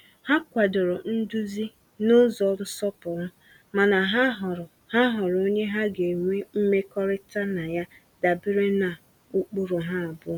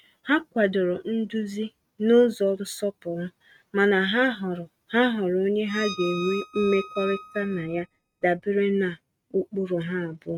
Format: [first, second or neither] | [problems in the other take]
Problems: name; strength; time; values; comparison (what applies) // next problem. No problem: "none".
first | noise reduction (neural mask model RNNoise)